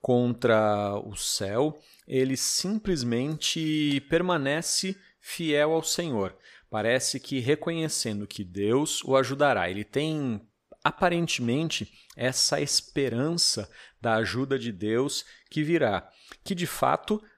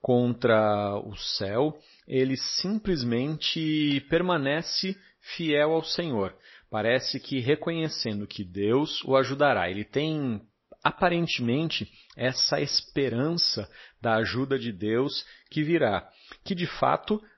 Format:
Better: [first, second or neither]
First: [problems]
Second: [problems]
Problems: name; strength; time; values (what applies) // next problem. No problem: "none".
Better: first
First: none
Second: garbled, watery; slightly; nothing above 5.5 kHz